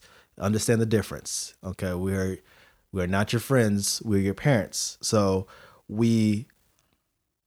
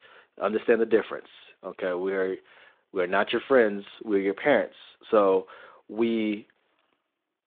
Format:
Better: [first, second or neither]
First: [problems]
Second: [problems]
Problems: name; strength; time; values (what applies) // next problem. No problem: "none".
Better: first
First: none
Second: phone-call audio